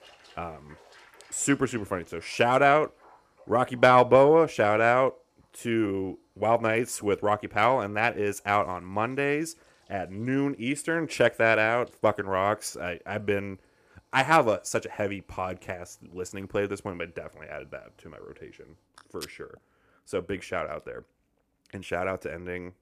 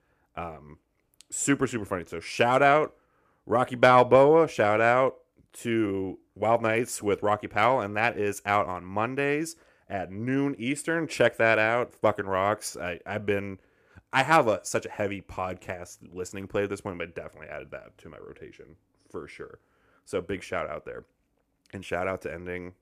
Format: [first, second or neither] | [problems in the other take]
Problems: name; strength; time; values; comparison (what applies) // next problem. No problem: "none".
second | household noises; faint; throughout; 30 dB below the speech